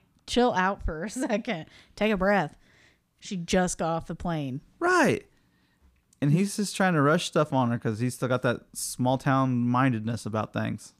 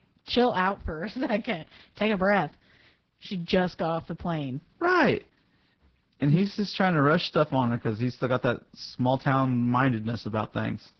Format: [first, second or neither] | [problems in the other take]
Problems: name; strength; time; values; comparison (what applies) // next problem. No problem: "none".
first | garbled, watery; badly; nothing above 5.5 kHz